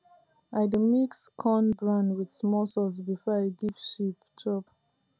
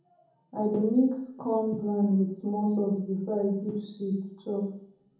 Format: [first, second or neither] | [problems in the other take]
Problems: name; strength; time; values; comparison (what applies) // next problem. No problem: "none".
first | room echo; dies away in 0.7 s